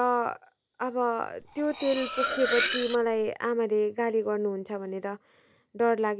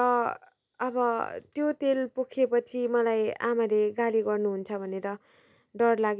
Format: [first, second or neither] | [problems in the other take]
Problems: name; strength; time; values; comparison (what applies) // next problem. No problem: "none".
second | background sound (Cutlery, silverware); 4 dB below the speech